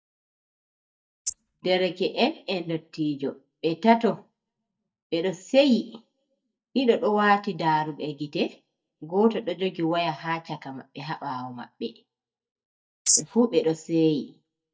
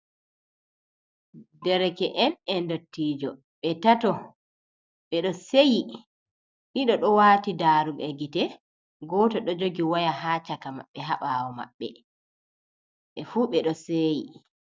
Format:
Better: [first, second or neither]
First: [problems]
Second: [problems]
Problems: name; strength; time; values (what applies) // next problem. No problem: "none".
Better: second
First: noise reduction (neural mask model DeepFilterNet 3)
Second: none